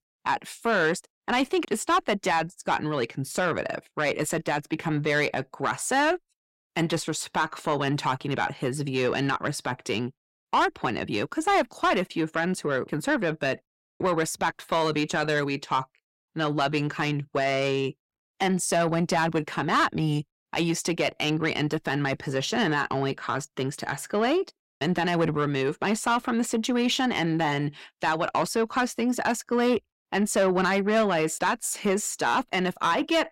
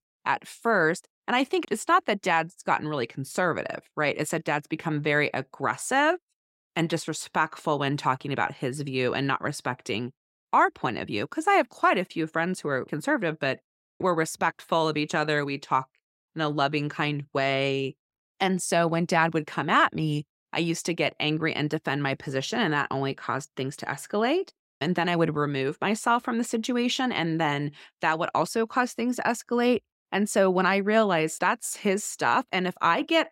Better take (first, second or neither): second